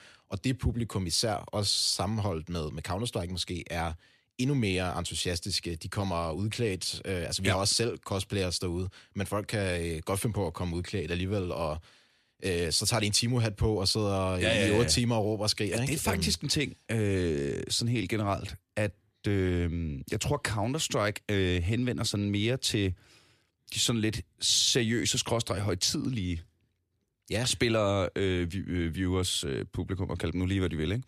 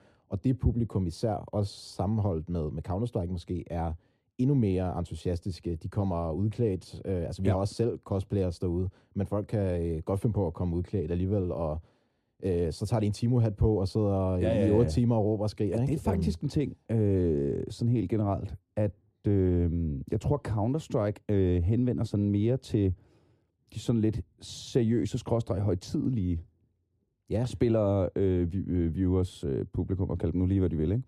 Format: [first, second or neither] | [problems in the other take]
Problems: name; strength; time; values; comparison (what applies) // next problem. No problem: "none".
first | muffled; very; fading above 1 kHz